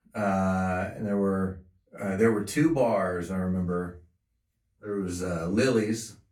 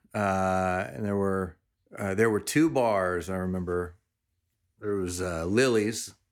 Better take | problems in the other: second | off-mic speech; far // room echo; very slight; dies away in 0.2 s

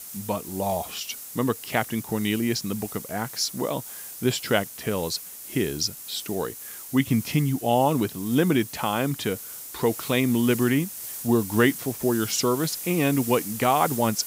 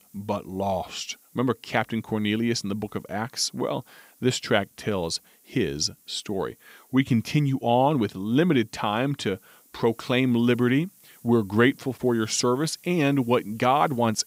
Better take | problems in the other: second | hiss; loud; throughout; 10 dB below the speech; faint in the second

